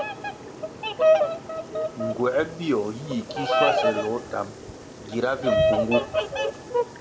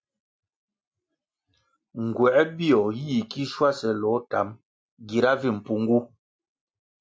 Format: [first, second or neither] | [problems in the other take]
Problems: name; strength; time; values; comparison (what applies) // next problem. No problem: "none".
second | background sound (Bird vocalization, bird call, bird song); 4 dB above the speech